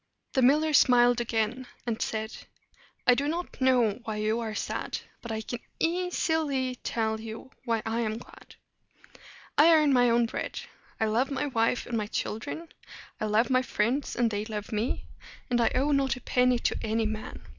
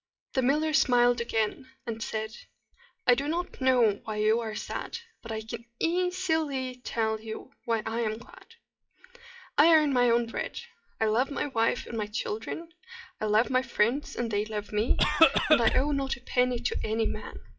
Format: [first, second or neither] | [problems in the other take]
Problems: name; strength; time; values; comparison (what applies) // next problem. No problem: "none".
first | noise reduction (classical method WPE with log-MMSE)